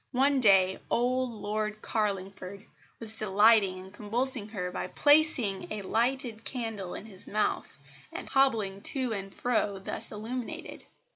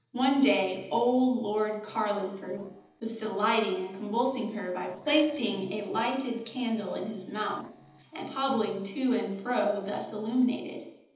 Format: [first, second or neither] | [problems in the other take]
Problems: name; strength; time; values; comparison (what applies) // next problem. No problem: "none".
first | noise reduction (neural separator model SepFormer DNS4)